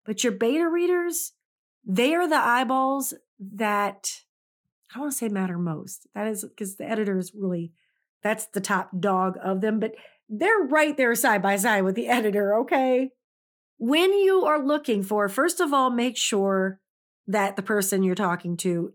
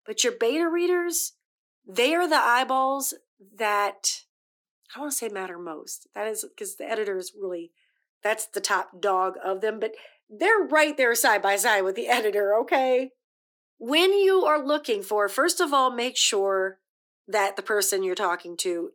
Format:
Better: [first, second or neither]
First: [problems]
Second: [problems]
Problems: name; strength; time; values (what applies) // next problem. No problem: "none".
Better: first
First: none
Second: thin; somewhat; fading below 300 Hz